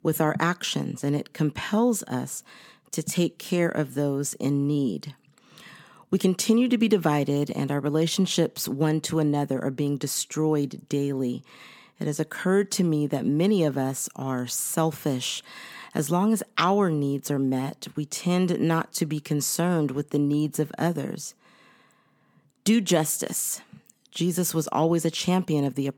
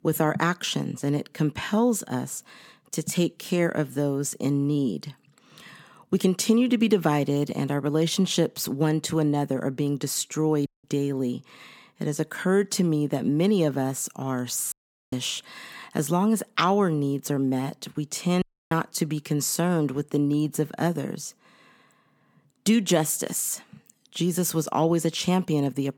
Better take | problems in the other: first | audio cutting out; at 11 s, at 15 s and at 18 s

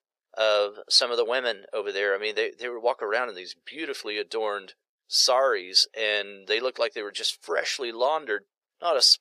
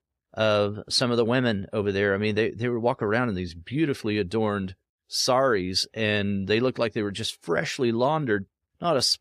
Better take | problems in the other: second | thin; very; fading below 500 Hz

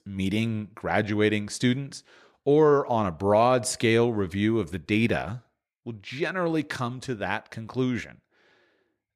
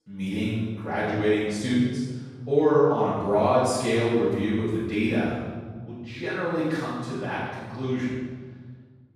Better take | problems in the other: first | off-mic speech; far // room echo; strong; dies away in 1.4 s

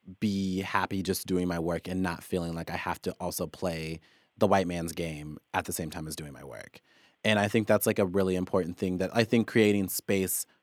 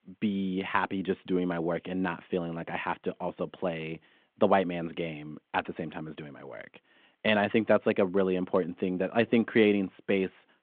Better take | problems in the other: first | phone-call audio

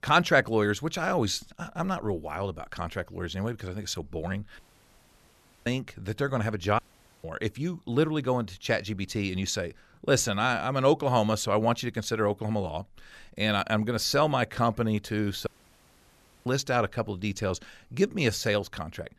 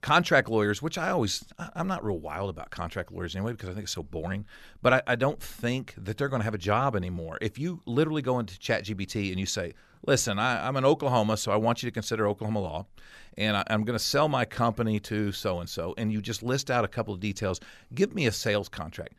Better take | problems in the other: second | audio cutting out; at 4.5 s for 1 s, at 7 s and at 15 s for 1 s

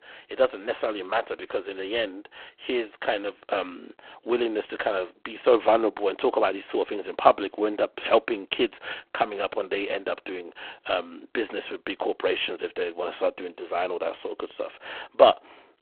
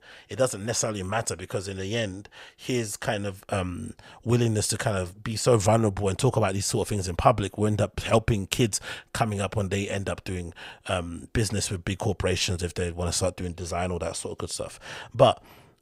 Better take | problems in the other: second | phone-call audio; poor line

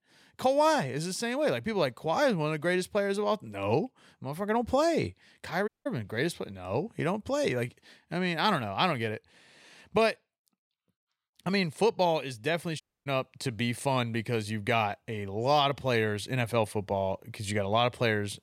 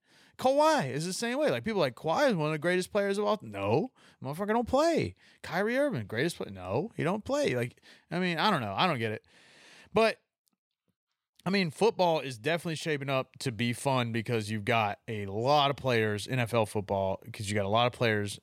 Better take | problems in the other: second | audio cutting out; at 5.5 s and at 13 s

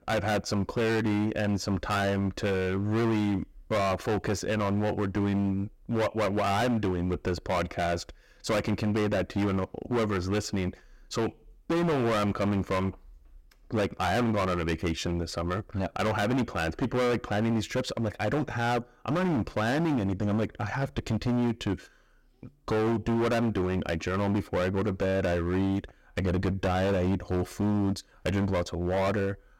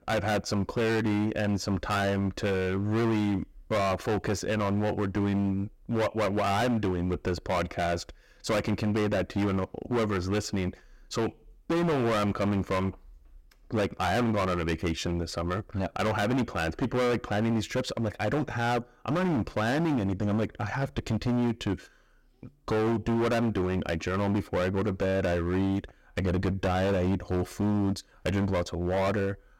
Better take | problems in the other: neither | distortion; heavy; 21% of the sound clipped; the same in both

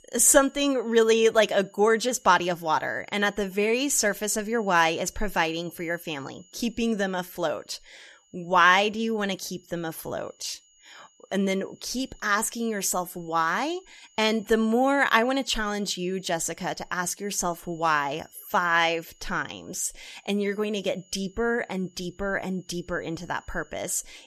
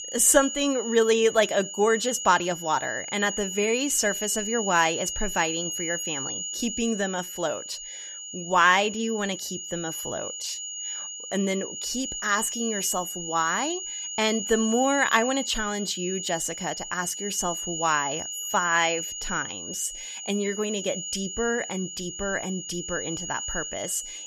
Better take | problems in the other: first | high-pitched whine; loud; throughout; 7 kHz, 6 dB below the speech; faint in the first

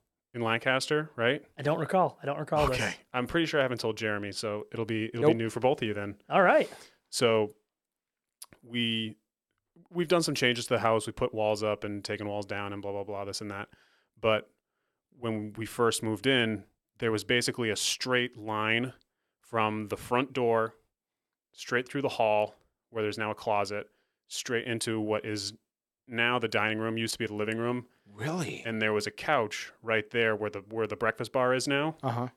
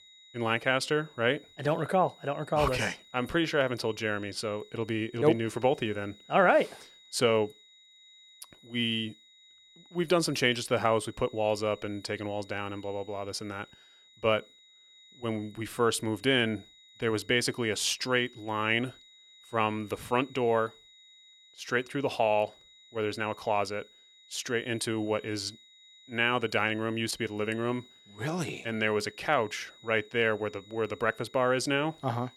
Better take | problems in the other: first | high-pitched whine; faint; throughout; 4 kHz, 25 dB below the speech

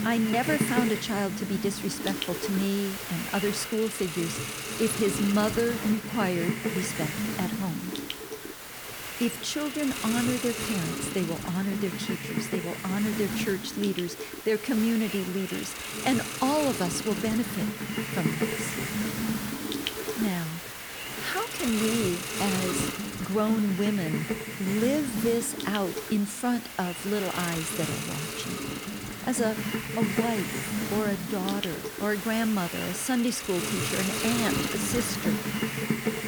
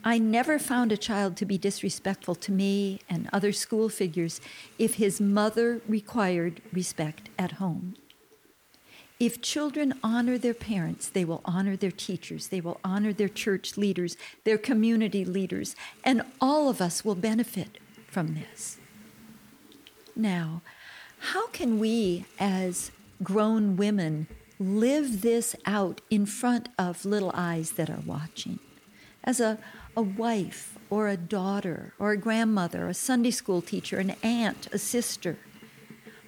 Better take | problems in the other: second | hiss; loud; throughout; 2 dB below the speech; faint in the second

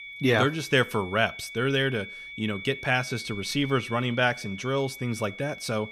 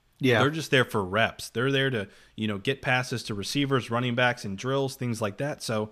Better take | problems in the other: second | high-pitched whine; noticeable; throughout; 2 kHz, 10 dB below the speech

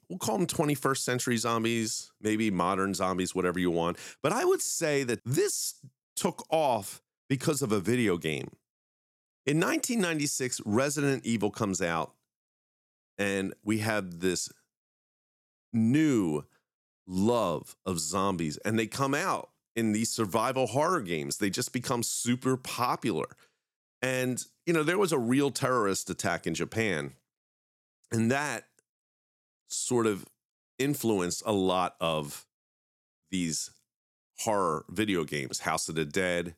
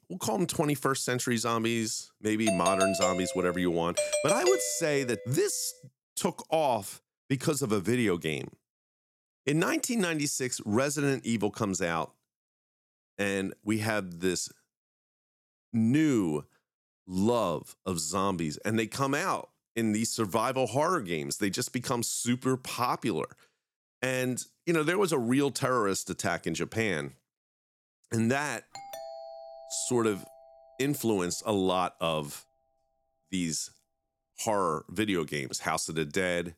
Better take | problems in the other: first | doorbell; loud; from 2.5 to 5 s; peak 2 dB above the speech // doorbell; faint; from 29 to 31 s; peak 10 dB below the speech

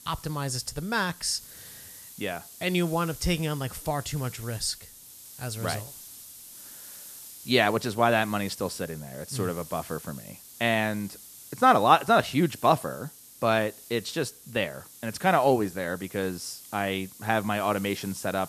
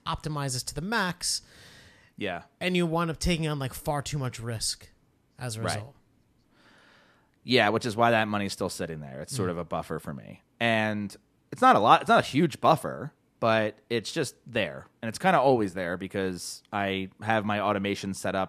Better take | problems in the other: second | hiss; noticeable; throughout; 15 dB below the speech

